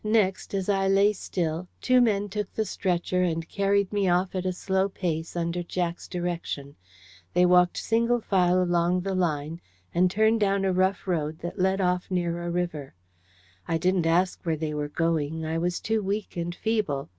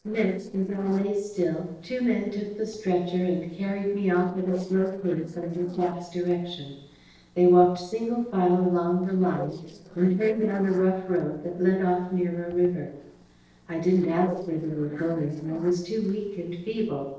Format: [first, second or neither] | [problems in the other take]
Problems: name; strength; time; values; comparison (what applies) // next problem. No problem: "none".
first | noise reduction (neural separator model SepFormer DNS4)